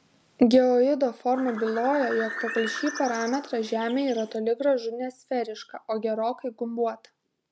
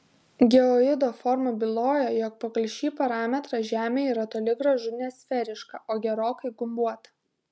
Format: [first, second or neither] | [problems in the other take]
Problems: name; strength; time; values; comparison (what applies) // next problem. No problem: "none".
second | background sound (Bird); 10 dB below the speech